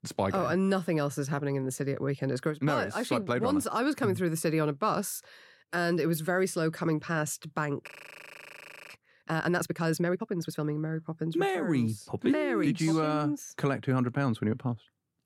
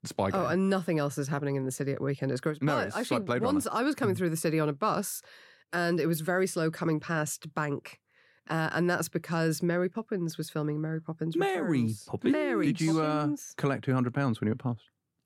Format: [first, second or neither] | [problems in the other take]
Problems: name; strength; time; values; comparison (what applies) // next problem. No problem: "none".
second | audio freezing; at 8 s for 1 s